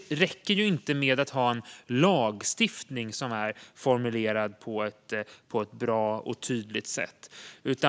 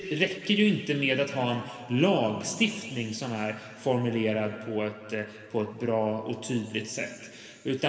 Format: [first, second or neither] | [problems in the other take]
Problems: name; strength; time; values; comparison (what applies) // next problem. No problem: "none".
first | room echo; dies away in 2.4 s